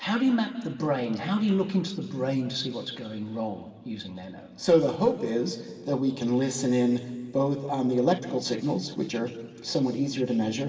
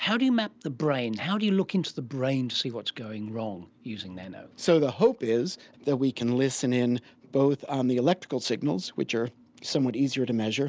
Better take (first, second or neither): second